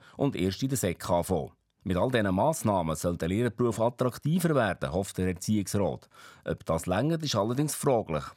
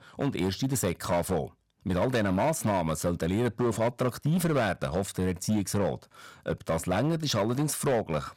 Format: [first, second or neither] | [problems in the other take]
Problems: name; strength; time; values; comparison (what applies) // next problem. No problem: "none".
first | distortion; slight; 11% of the sound clipped